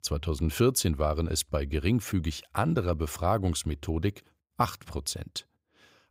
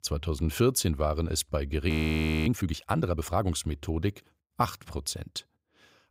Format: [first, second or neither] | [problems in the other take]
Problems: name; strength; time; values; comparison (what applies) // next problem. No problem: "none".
first | audio freezing; at 2 s for 0.5 s